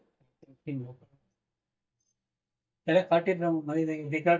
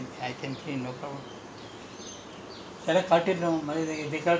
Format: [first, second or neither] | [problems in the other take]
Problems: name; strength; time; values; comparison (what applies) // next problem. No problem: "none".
second | noise reduction (neural mask model DeepFilterNet 3)